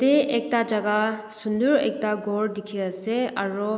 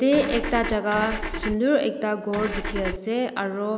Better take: first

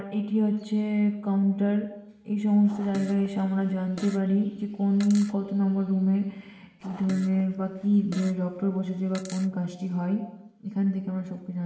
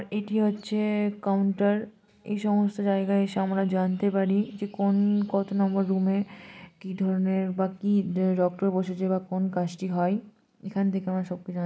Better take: second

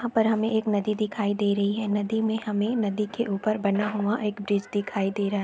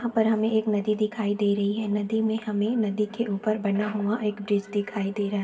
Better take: first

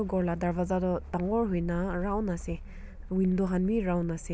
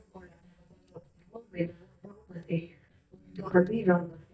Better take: first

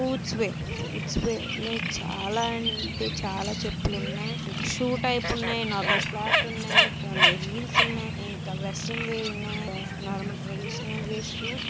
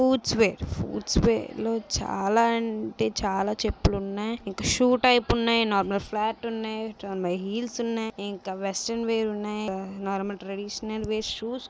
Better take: second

